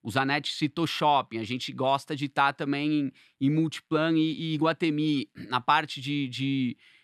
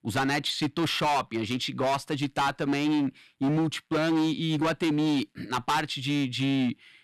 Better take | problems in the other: first | distortion; heavy; 18% of the sound clipped

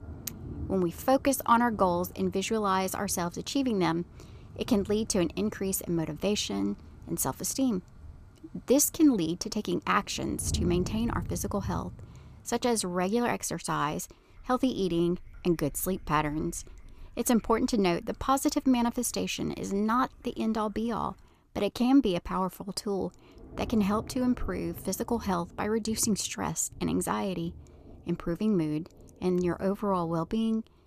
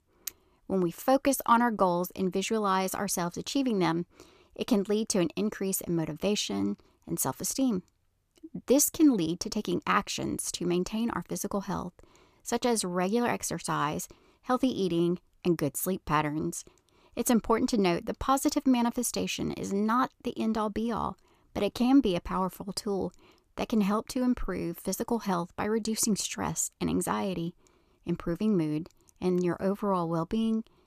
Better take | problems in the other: second | rain or running water; noticeable; throughout; 15 dB below the speech

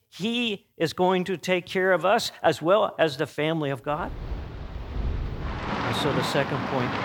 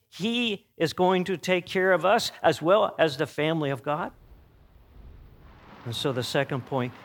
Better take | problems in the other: second | rain or running water; loud; from 4 s on; 6 dB below the speech; faint in the second

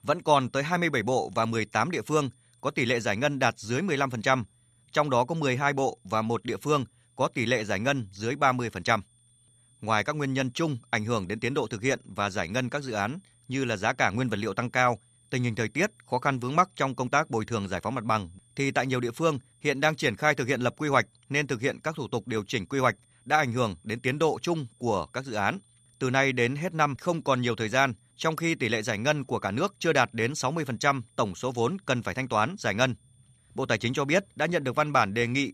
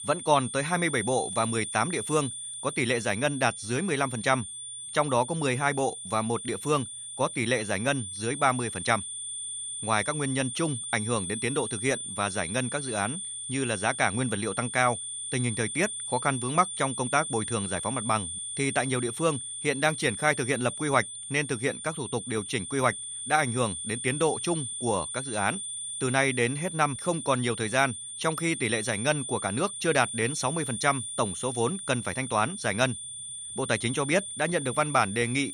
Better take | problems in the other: first | high-pitched whine; loud; throughout; 9 kHz, 6 dB below the speech; faint in the first

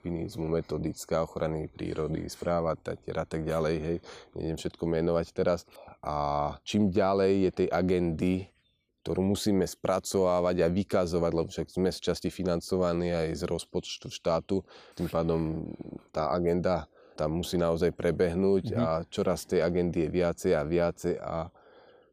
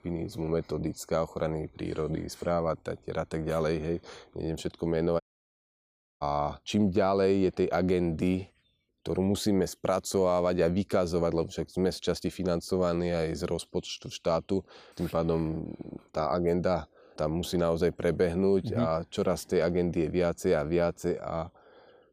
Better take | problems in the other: first | audio cutting out; at 5 s for 1 s

